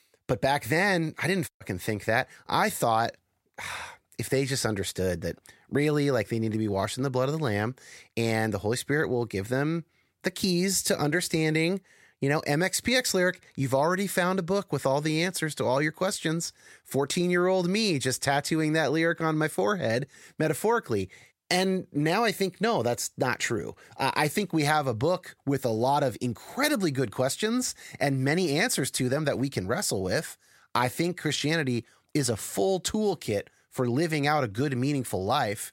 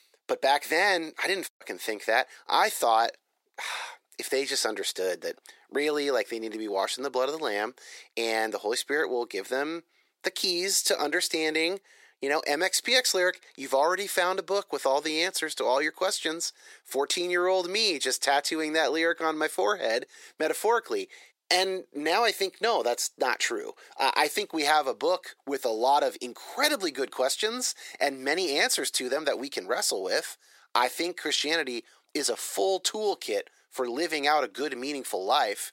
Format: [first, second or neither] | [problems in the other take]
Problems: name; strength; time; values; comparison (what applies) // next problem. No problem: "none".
first | thin; somewhat; fading below 350 Hz